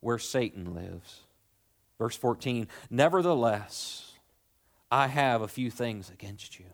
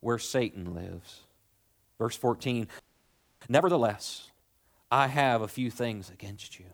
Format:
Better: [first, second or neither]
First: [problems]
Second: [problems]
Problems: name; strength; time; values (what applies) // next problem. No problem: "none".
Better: first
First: none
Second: audio freezing; at 3 s for 0.5 s